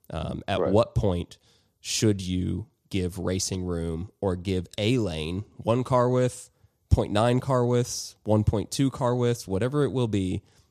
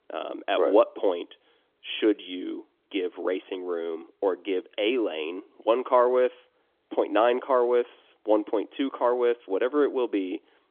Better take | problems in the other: first | phone-call audio; nothing above 3.5 kHz

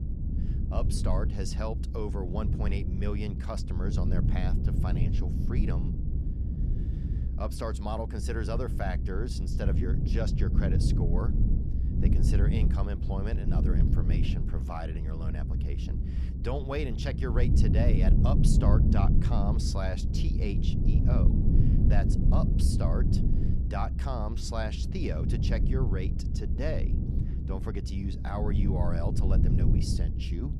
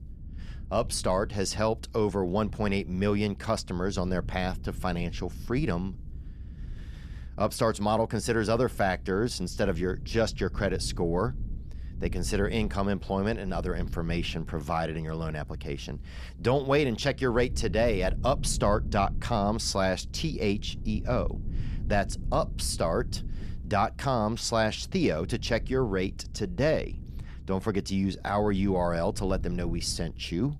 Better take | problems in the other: second | low rumble; loud; throughout; 3 dB below the speech; faint in the second

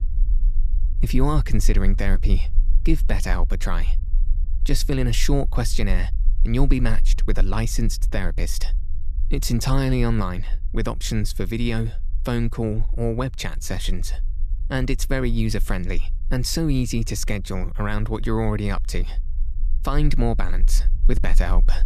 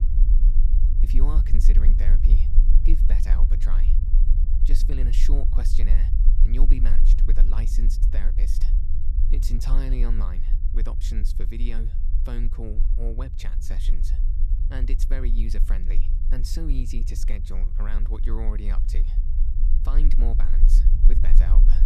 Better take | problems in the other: first | low rumble; loud; throughout; 5 dB below the speech; faint in the first

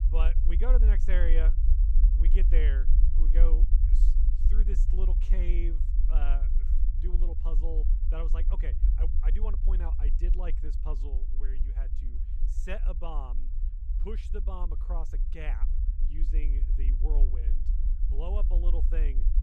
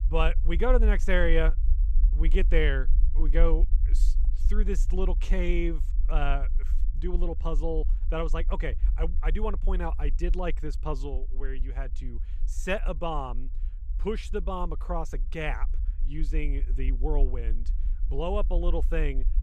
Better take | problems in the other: second | low rumble; loud; throughout; 8 dB below the speech; faint in the second

